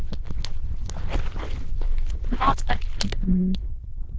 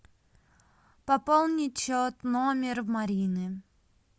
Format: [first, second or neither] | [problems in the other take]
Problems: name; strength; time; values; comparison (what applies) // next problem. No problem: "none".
second | noise reduction (neural diffusion model UNIVERSE++)